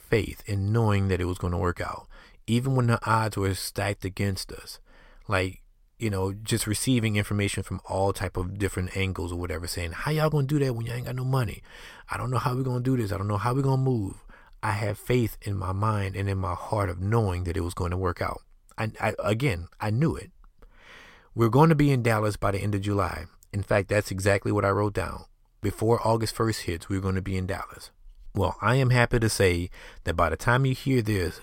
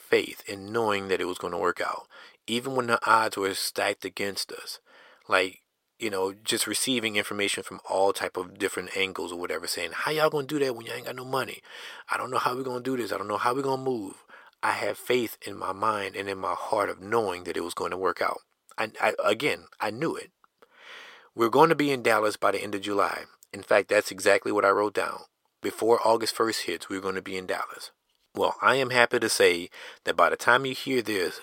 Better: first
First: none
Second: thin; somewhat; fading below 400 Hz

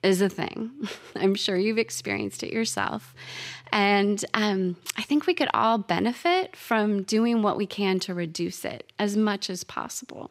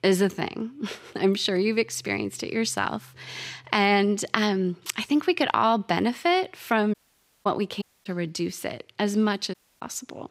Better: first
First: none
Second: audio cutting out; at 7 s for 0.5 s, at 8 s and at 9.5 s

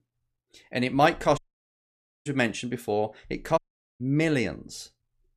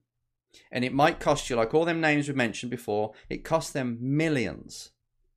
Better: second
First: audio cutting out; at 1.5 s for 1 s and at 3.5 s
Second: none

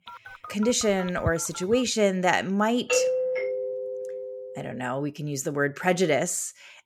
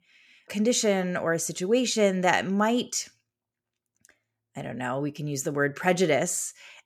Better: second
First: phone ringing; noticeable; until 2 s; peak 9 dB below the speech // doorbell; loud; from 3 to 4.5 s; peak 1 dB above the speech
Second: none

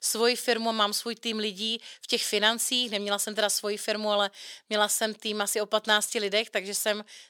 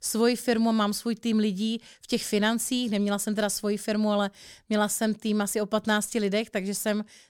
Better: second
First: thin; somewhat; fading below 450 Hz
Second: none

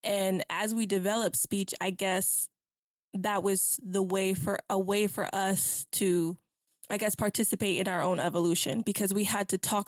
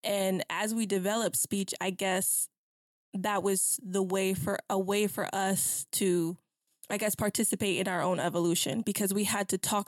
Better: second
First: garbled, watery; slightly; nothing above 15.5 kHz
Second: none

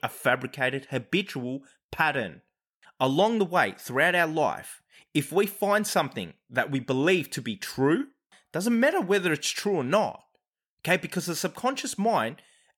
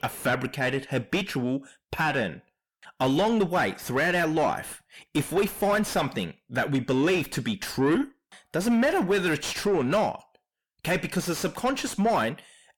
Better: first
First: none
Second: distortion; heavy; 7 dB below the speech

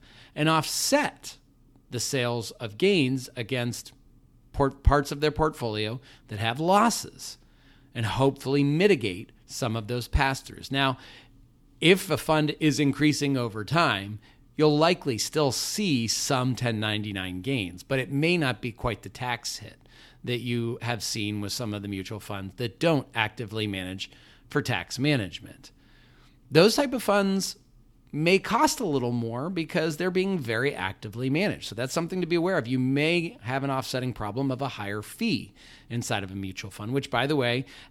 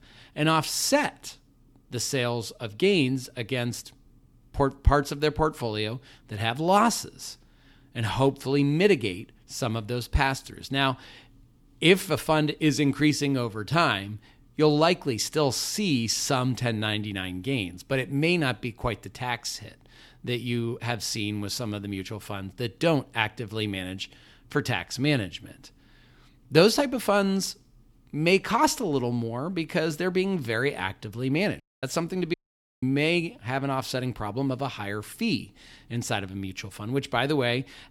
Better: first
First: none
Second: audio cutting out; at 32 s

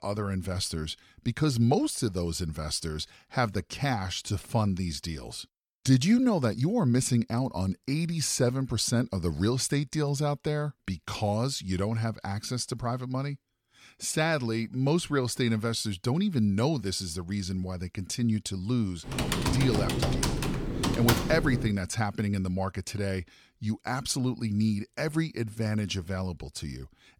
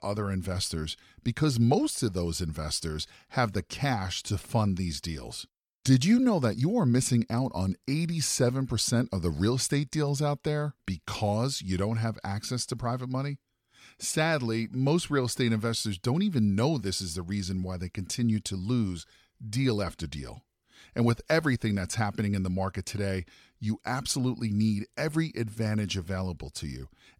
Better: second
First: keyboard typing; loud; from 19 to 22 s; peak 2 dB above the speech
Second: none

